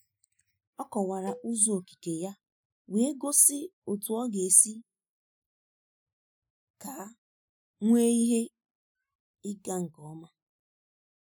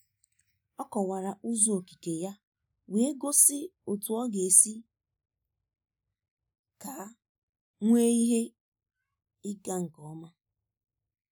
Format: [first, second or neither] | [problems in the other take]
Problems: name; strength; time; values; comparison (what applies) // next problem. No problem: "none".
second | noise reduction (classical method spectral subtraction)